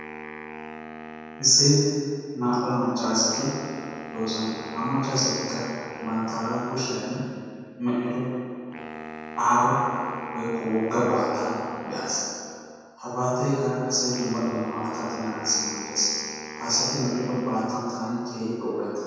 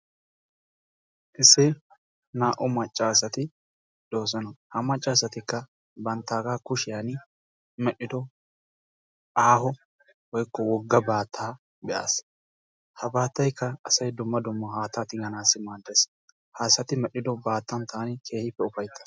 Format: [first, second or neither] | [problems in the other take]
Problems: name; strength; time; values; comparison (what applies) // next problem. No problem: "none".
second | background sound (Wind instrument, woodwind instrument); 13 dB below the speech // room echo; dies away in 2.1 s